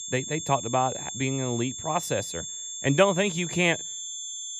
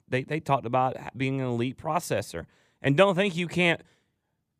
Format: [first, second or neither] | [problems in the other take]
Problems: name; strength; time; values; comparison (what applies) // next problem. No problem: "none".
second | high-pitched whine; loud; throughout; 7.5 kHz, 7 dB below the speech